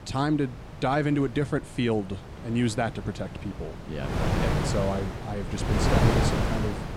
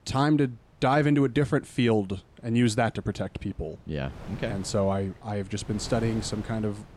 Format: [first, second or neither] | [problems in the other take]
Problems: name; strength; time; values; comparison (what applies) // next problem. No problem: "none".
second | wind noise on the microphone; heavy; 1 dB above the speech; occasional gusts in the second